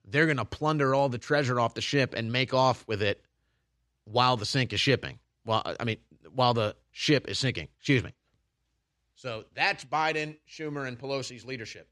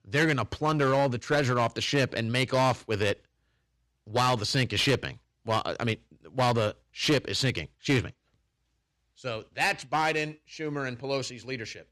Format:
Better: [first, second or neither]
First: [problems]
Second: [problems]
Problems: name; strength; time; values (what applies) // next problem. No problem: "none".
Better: first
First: none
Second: distortion; slight; 6% of the sound clipped